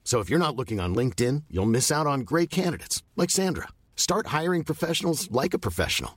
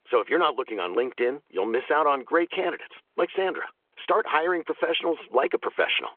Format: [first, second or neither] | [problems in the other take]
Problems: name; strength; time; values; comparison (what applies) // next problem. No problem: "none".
first | phone-call audio; nothing above 3.5 kHz